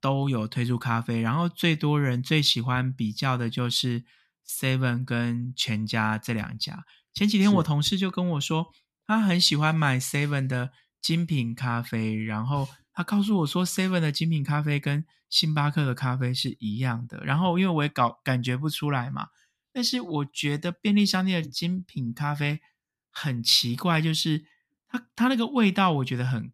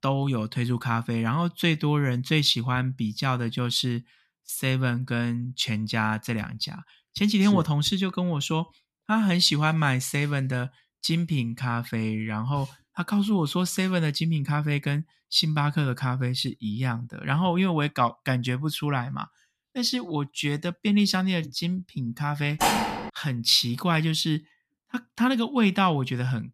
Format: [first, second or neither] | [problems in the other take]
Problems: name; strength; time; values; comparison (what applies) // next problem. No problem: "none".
first | clattering dishes; loud; at 23 s; peak 2 dB above the speech